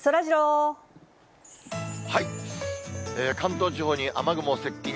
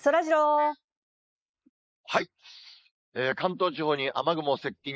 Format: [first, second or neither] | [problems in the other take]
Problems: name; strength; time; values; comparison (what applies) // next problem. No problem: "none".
first | noise reduction (neural mask model Resemble Enhance denoiser)